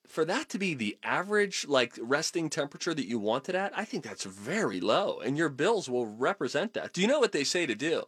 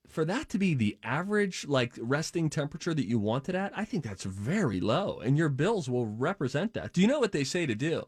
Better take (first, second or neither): second